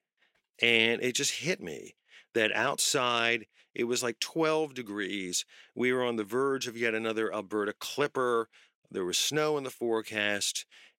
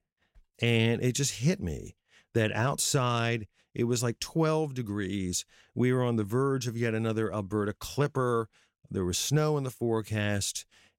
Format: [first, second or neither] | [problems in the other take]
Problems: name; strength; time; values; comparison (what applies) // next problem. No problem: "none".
second | thin; somewhat; fading below 350 Hz